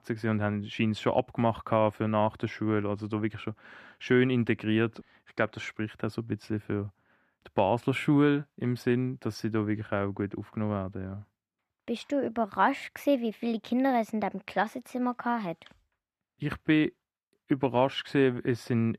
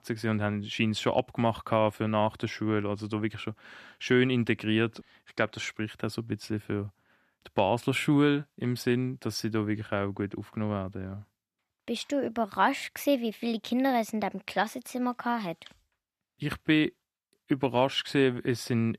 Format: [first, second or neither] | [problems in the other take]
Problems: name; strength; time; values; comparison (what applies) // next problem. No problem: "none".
second | muffled; slightly; fading above 3 kHz